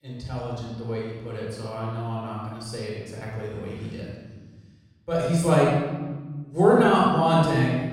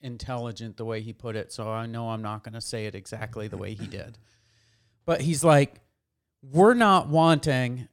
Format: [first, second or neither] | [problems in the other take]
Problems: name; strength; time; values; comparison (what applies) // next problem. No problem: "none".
second | off-mic speech; far // room echo; strong; dies away in 1.4 s